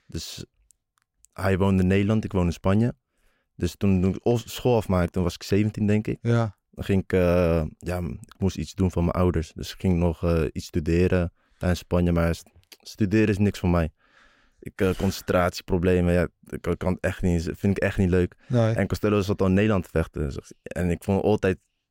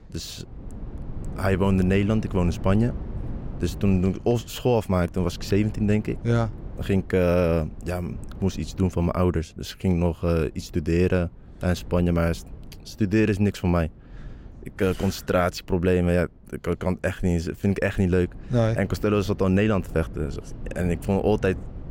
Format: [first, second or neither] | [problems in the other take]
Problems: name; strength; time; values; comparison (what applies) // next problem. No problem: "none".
first | wind noise on the microphone; occasional gusts; 20 dB below the speech